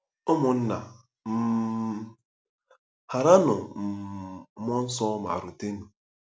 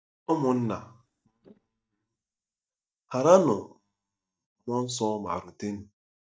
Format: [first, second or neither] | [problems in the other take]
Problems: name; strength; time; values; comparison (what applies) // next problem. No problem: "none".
first | noise reduction (neural mask model DeepFilterNet 3)